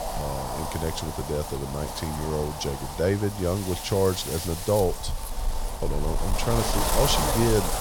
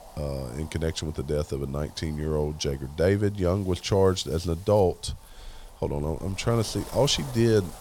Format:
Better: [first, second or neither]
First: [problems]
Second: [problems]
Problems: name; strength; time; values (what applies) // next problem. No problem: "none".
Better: second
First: wind noise on the microphone; heavy; 2 dB below the speech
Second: wind noise on the microphone; occasional gusts; 20 dB below the speech